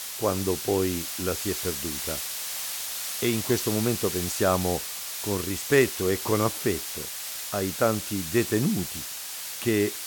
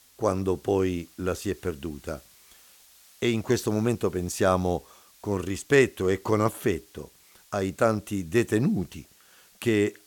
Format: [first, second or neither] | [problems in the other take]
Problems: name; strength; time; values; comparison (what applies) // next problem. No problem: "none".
second | hiss; loud; throughout; 4 dB below the speech; faint in the second